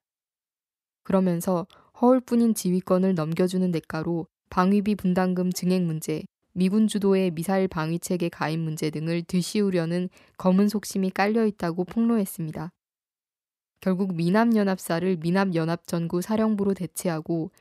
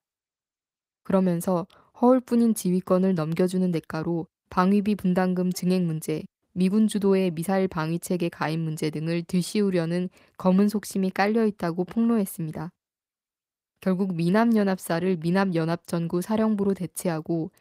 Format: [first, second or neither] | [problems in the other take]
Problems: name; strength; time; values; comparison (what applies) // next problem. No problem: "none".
first | garbled, watery; slightly; nothing above 15.5 kHz